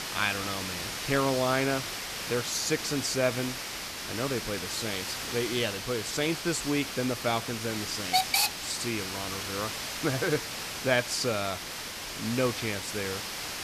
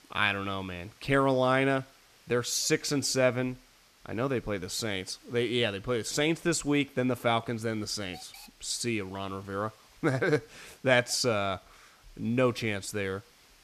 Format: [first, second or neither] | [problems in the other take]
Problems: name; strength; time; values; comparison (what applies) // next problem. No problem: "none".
second | hiss; loud; throughout; 2 dB below the speech; faint in the second